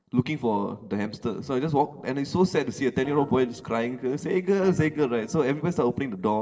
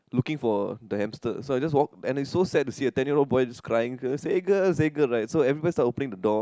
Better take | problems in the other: second | noise reduction (neural separator model SepFormer DNS4)

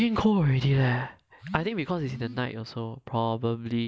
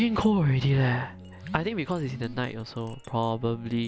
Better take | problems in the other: first | background sound (Bowed string instrument + Chink, clink); 20 dB below the speech

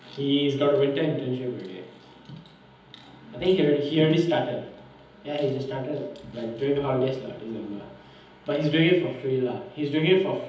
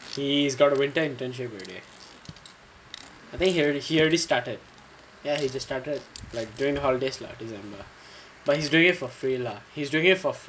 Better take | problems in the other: second | background sound (Snare drum); 19 dB below the speech // room echo; dies away in 1.3 s

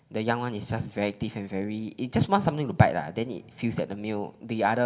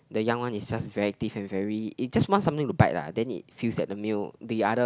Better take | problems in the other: second | room echo; dies away in 0.8 s

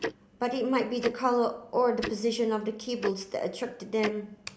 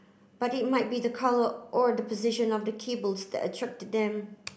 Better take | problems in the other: second | background sound (Tick-tock); 11 dB below the speech

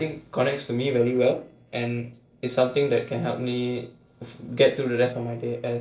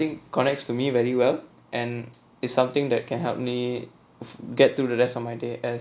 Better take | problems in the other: second | noise reduction (neural separator model SepFormer DNS4)

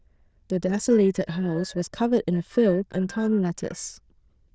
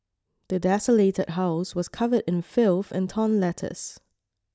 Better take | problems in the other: second | noise reduction (neural diffusion model UNIVERSE++)

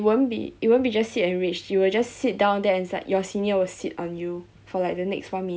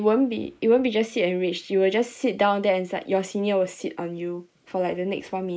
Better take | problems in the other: first | noise reduction (neural mask model Resemble Enhance denoiser)

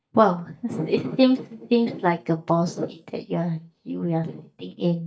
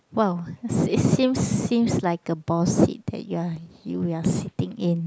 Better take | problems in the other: second | noise reduction (neural mask model DeepFilterNet 3)

